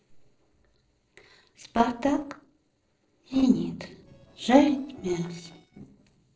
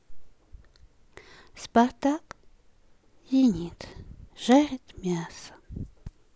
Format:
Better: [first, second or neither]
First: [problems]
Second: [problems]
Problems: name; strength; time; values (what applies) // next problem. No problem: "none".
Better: second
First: noise reduction (neural separator model SepFormer DNS4)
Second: none